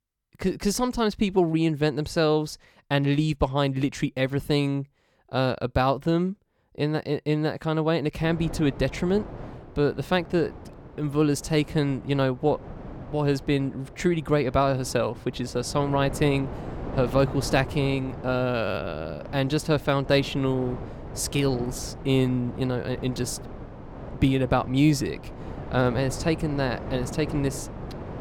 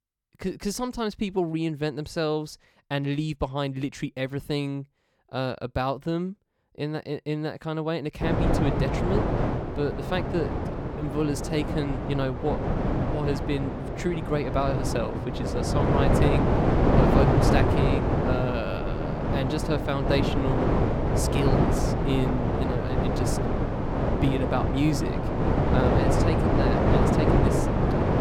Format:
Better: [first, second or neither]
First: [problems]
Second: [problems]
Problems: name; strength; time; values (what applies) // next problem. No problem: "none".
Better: first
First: wind noise on the microphone; occasional gusts; from 8 s on; 15 dB below the speech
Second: wind noise on the microphone; heavy; from 8 s on; 3 dB above the speech